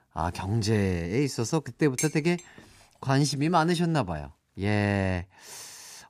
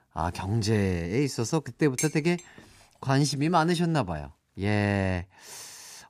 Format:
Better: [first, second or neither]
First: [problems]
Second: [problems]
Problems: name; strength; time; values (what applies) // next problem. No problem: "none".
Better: neither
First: clattering dishes; noticeable; at 2 s; peak 6 dB below the speech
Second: clattering dishes; noticeable; at 2 s; peak 6 dB below the speech